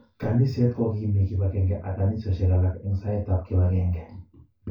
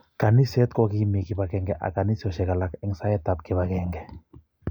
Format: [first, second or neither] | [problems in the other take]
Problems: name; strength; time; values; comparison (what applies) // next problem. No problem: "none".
second | room echo; dies away in 0.2 s